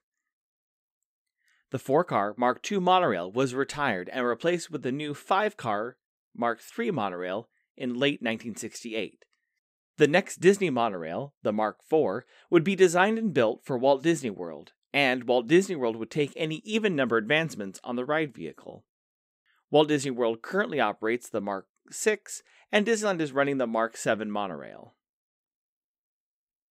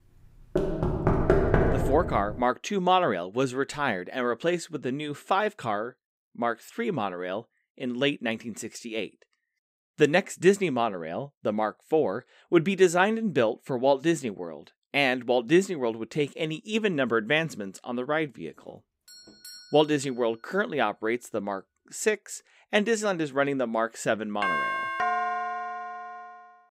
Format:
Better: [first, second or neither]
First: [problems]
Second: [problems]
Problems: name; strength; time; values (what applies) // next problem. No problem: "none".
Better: first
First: none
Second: door banging; loud; from 0.5 to 2.5 s; peak 4 dB above the speech // doorbell; faint; at 19 s; peak 15 dB below the speech // doorbell; loud; from 24 s on; peak level with the speech